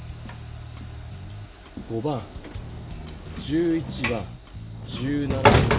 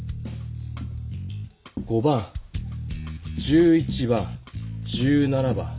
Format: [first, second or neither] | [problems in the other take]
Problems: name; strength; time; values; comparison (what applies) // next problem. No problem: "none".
second | background sound (Sliding door / Train); 3 dB above the speech